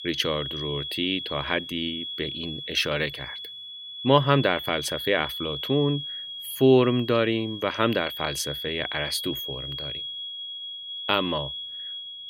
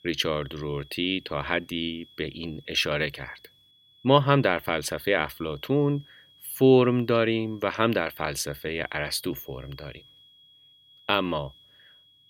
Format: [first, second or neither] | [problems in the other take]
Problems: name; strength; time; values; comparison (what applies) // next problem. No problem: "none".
second | high-pitched whine; loud; throughout; 3.5 kHz, 7 dB below the speech; faint in the second